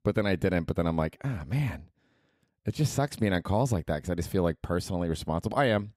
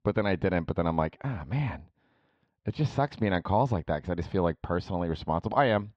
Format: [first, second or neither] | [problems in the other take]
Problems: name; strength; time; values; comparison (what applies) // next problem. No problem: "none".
first | muffled; slightly; fading above 4.5 kHz